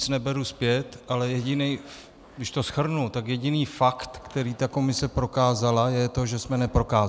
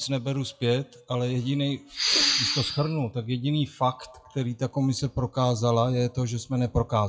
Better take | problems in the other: first | noise reduction (classical method WPE with log-MMSE)

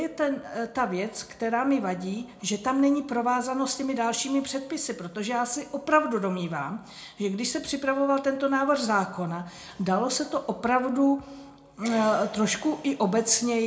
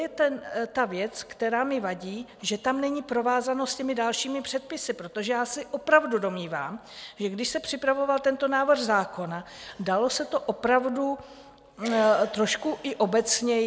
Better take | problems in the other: second | room echo; dies away in 0.3 s

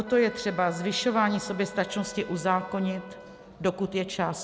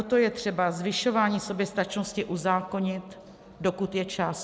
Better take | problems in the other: second | background sound (Wind instrument, woodwind instrument); 17 dB below the speech

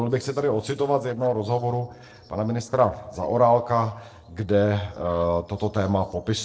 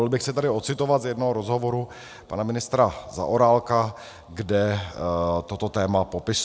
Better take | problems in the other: second | noise reduction (neural separator model SepFormer DNS4)

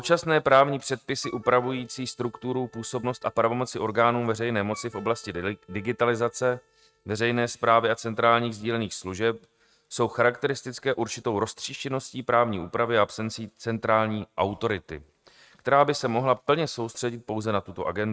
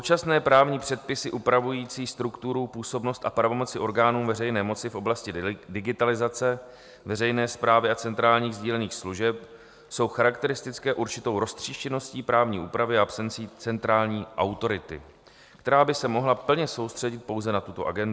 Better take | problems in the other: second | noise reduction (neural mask model RNNoise)

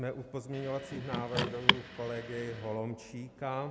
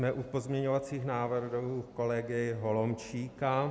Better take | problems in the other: second | background sound (Car); 3 dB above the speech

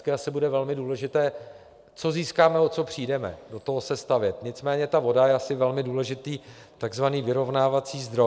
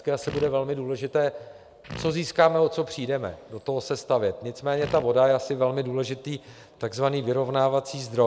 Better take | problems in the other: first | background sound (Fart); 13 dB below the speech

